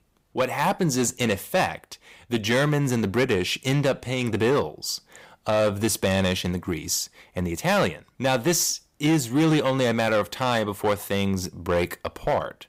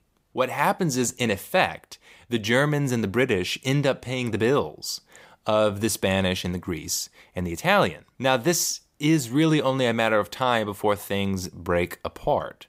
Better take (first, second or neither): second